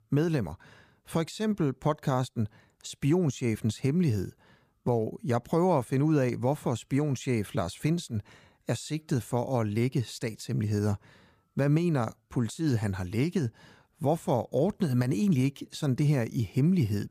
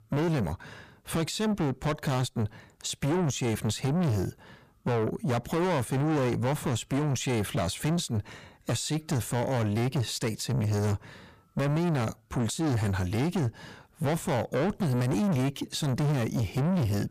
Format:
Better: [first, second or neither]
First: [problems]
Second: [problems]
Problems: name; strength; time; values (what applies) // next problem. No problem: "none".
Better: first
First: none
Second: distortion; heavy; 6 dB below the speech